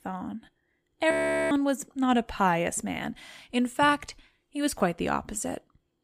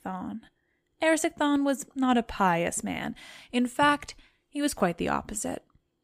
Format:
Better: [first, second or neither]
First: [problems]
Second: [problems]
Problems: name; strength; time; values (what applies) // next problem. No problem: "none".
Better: second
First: audio freezing; at 1 s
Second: none